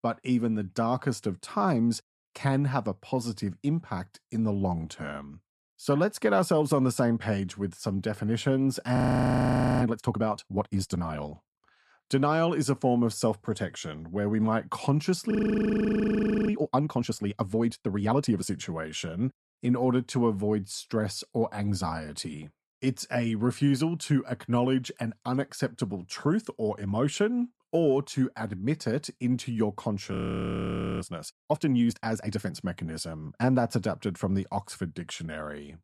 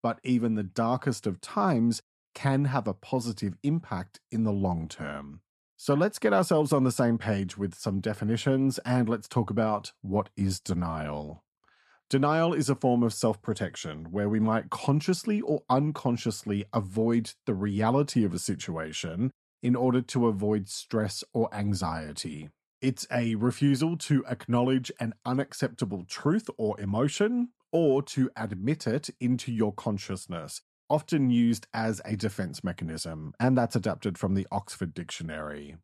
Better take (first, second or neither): second